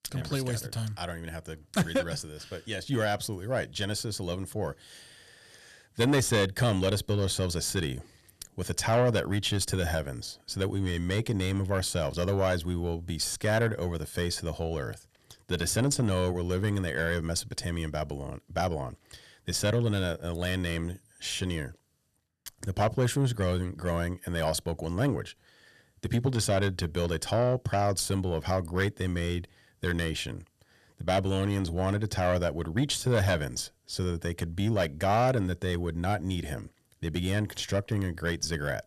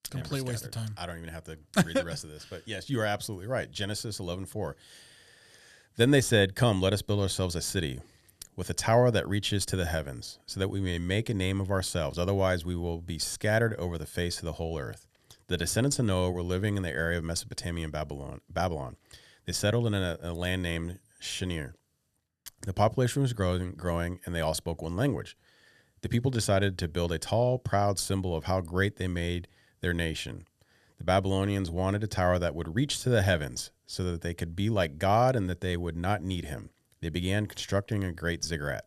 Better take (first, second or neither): second